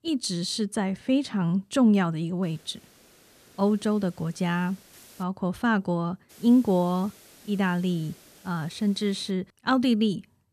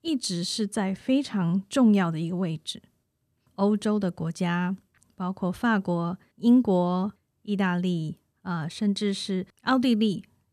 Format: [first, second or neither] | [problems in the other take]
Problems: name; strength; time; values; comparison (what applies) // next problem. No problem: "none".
second | hiss; faint; from 2.5 to 5 s and from 6.5 to 9.5 s; 25 dB below the speech